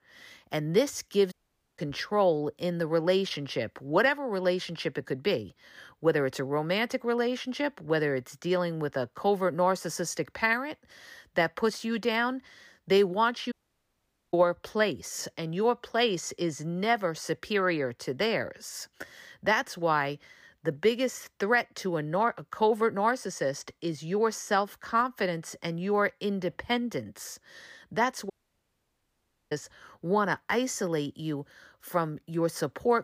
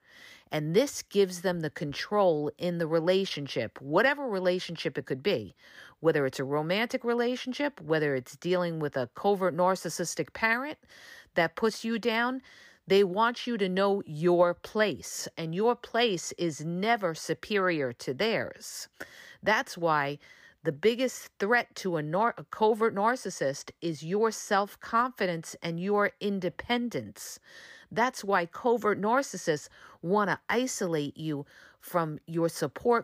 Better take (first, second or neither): second